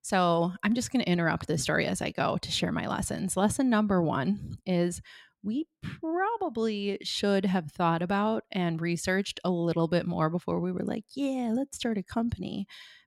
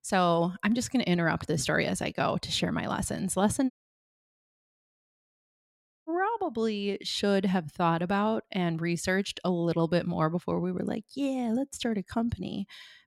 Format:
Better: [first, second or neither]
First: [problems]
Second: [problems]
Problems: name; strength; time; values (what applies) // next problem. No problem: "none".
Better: first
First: none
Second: audio cutting out; at 3.5 s for 2.5 s